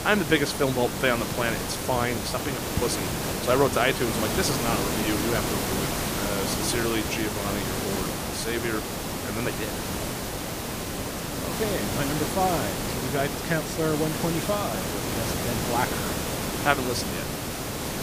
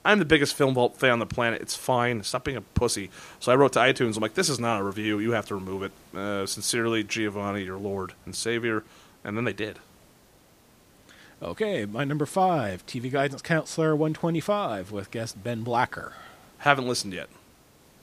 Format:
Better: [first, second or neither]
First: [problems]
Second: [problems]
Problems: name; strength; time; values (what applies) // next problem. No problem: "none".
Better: second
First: hiss; loud; throughout; as loud as the speech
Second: hiss; faint; throughout; 30 dB below the speech